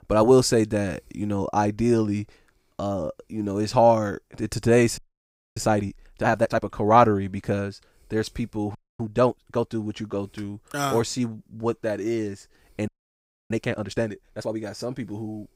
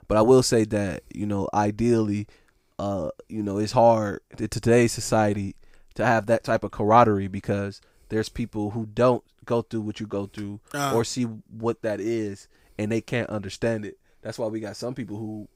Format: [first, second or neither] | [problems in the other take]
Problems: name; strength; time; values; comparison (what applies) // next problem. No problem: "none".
second | audio freezing; at 5 s for 0.5 s, at 9 s and at 13 s for 0.5 s